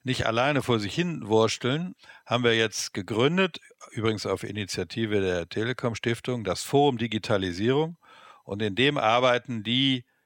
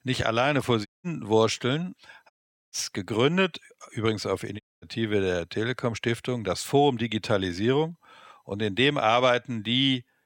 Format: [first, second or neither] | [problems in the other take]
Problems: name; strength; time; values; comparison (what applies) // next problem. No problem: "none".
first | audio cutting out; at 1 s, at 2.5 s and at 4.5 s